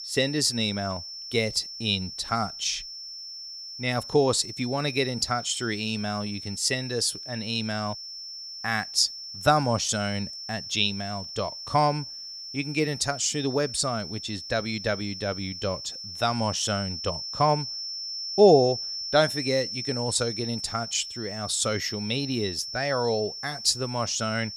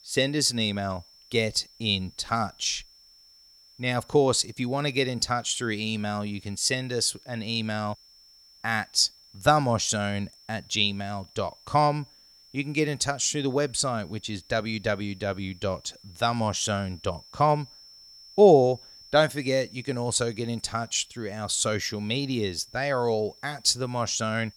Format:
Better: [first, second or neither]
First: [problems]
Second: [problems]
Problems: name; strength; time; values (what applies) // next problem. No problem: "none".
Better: second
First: high-pitched whine; loud; throughout; 5.5 kHz, 8 dB below the speech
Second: high-pitched whine; faint; throughout; 5.5 kHz, 25 dB below the speech